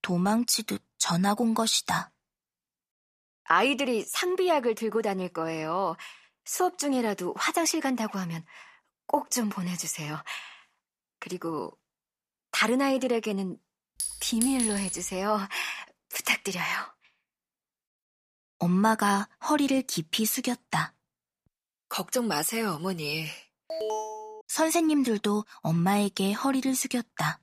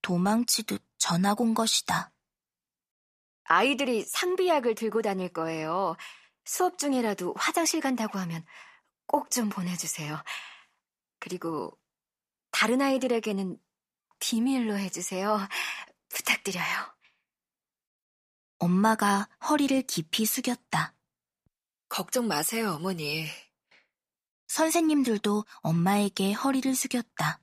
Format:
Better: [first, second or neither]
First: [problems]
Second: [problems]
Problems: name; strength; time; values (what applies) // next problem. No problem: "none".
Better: second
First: clattering dishes; noticeable; at 14 s; peak 1 dB below the speech // alarm; noticeable; at 24 s; peak 4 dB below the speech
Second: none